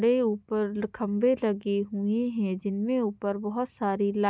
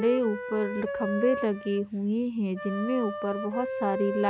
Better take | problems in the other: first | background sound (Wind instrument, woodwind instrument); 7 dB below the speech

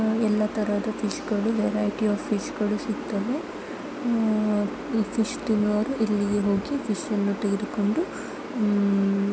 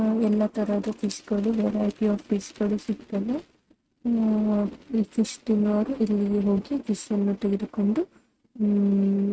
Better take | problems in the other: first | noise reduction (neural mask model RNNoise)

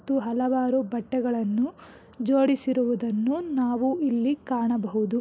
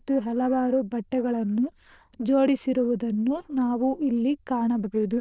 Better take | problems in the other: first | noise reduction (neural diffusion model UNIVERSE++)

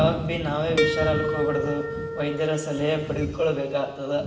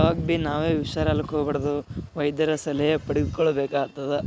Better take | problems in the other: second | background sound (Harp); 3 dB below the speech // room echo; dies away in 1 s

